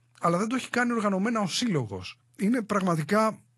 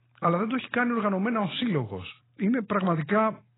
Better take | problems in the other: first | garbled, watery; badly; nothing above 4 kHz; slightly in the first

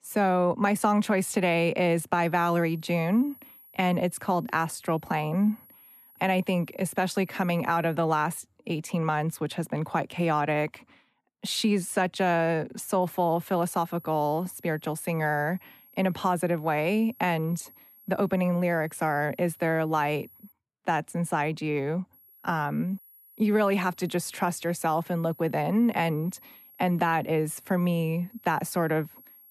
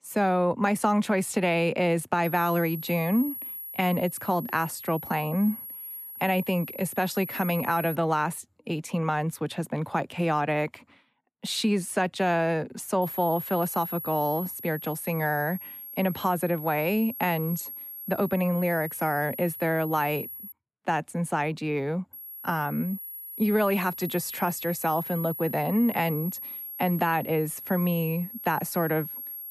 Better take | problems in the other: first | high-pitched whine; loud; from 2 to 8 s, from 13 to 21 s and from 22 s on; 11.5 kHz, 9 dB below the speech; faint in the first

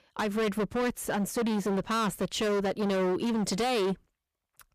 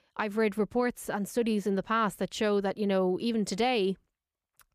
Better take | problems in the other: second | distortion; heavy; 26% of the sound clipped

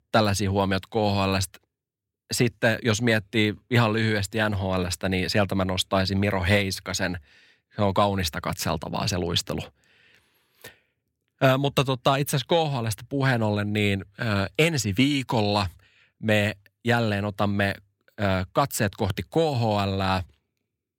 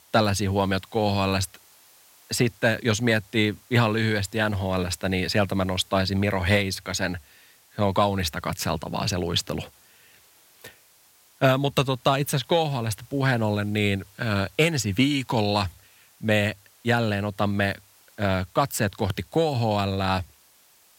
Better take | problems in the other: first | hiss; faint; throughout; 30 dB below the speech

